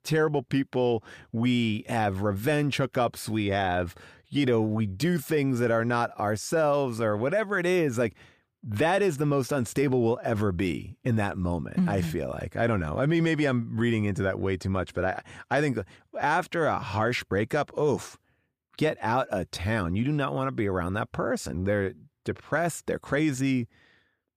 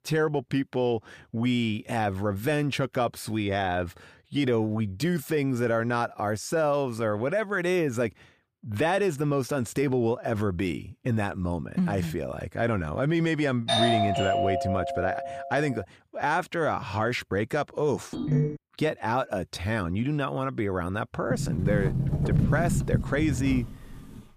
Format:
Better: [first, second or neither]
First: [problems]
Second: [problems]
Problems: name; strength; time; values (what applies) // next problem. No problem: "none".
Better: first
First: none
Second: doorbell; loud; from 14 to 16 s; peak 5 dB above the speech // phone ringing; loud; at 18 s; peak 2 dB above the speech // door banging; loud; from 21 to 24 s; peak 3 dB above the speech